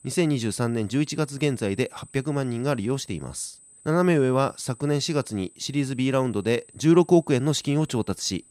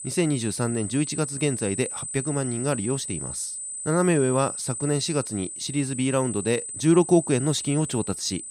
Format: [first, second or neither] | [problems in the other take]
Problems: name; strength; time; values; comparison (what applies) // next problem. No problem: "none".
first | high-pitched whine; loud; throughout; 8 kHz, 6 dB below the speech; faint in the first